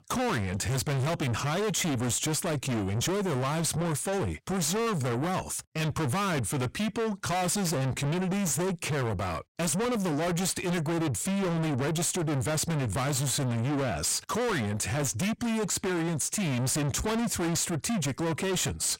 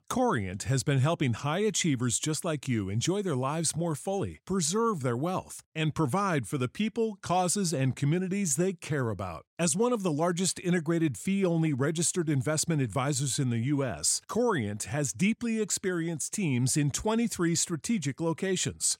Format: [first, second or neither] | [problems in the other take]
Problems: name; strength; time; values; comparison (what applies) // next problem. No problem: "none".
second | distortion; heavy; 5 dB below the speech